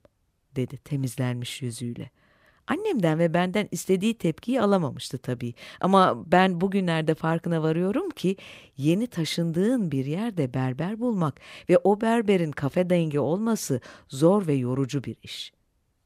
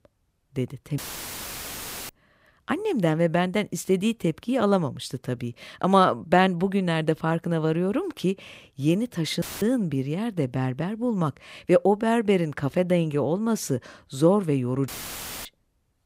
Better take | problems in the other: first | audio cutting out; filled with static; at 1 s for 1 s, at 9.5 s and at 15 s for 0.5 s

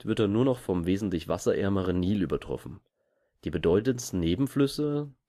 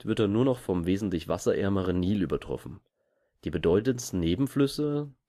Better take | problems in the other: neither | none

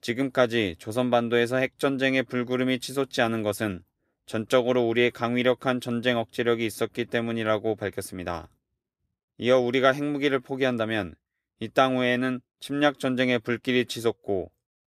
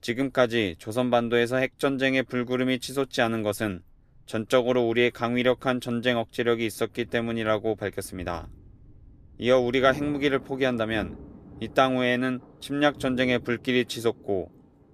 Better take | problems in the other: first | rain or running water; faint; throughout; 20 dB below the speech

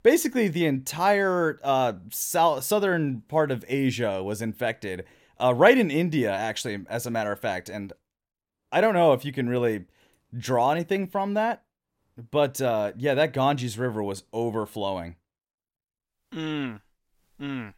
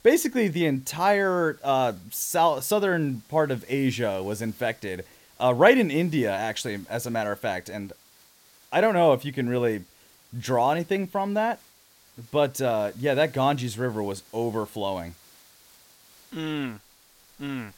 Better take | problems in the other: first | hiss; faint; throughout; 25 dB below the speech

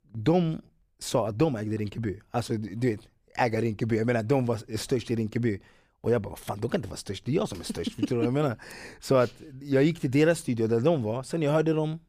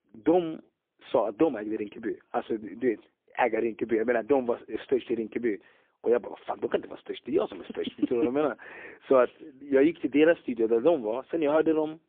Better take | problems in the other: first | phone-call audio; poor line

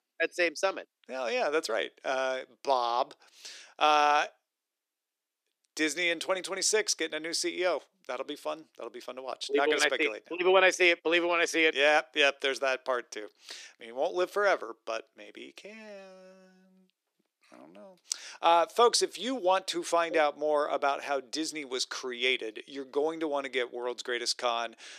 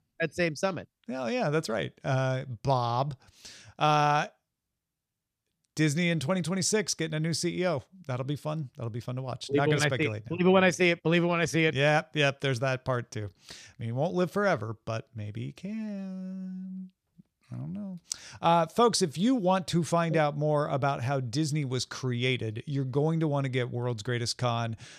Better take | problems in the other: second | thin; very; fading below 350 Hz

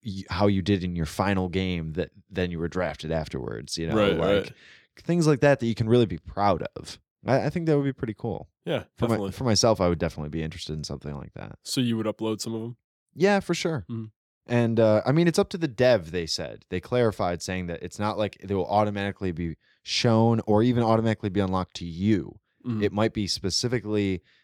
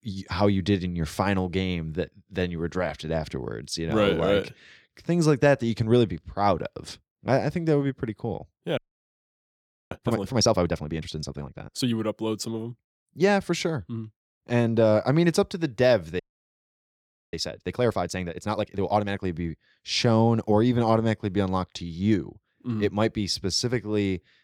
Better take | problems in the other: first | audio freezing; at 9 s for 1 s and at 16 s for 1 s

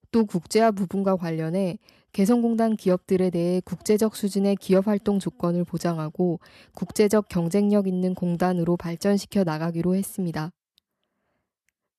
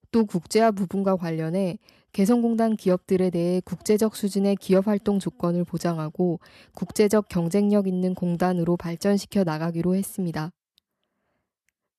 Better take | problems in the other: neither | none

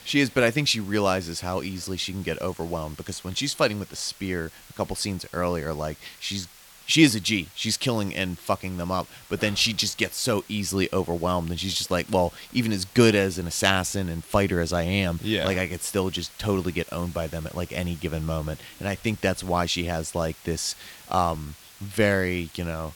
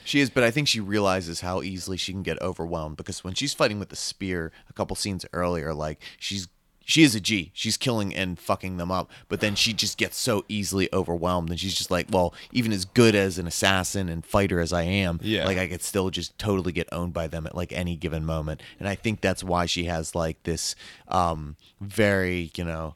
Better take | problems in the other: second | hiss; faint; throughout; 20 dB below the speech

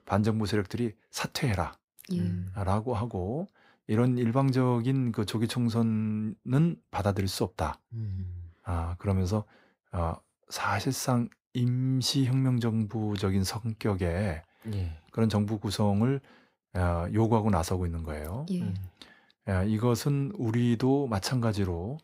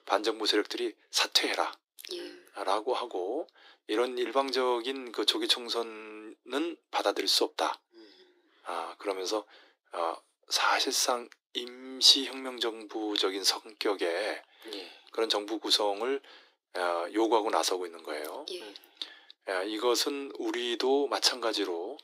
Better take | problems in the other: first | thin; very; fading below 300 Hz

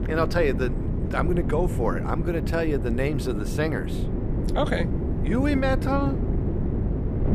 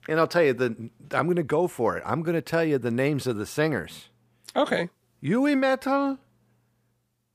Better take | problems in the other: second | wind noise on the microphone; heavy; 8 dB below the speech

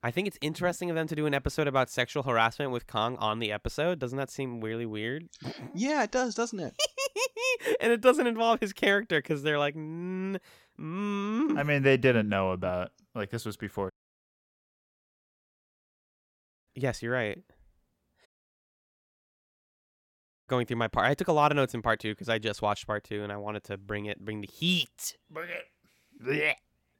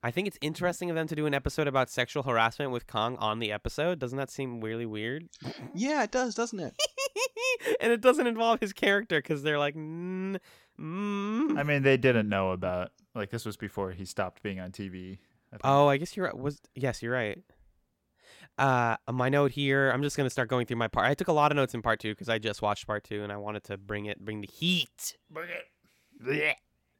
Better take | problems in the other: second | audio cutting out; at 14 s for 3 s and at 18 s for 2 s

